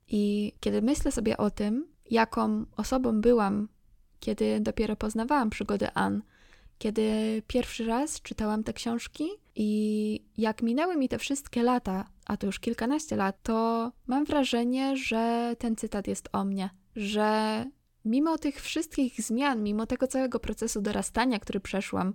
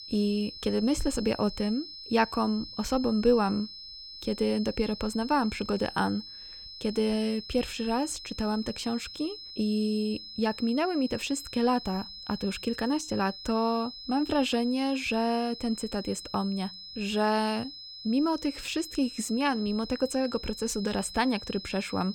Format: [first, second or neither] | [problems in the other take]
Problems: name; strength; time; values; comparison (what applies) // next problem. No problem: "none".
first | high-pitched whine; noticeable; throughout; 5 kHz, 10 dB below the speech